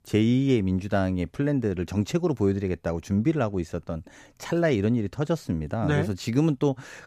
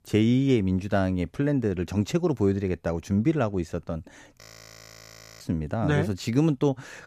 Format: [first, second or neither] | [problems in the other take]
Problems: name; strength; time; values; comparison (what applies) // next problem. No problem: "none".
first | audio freezing; at 4.5 s for 1 s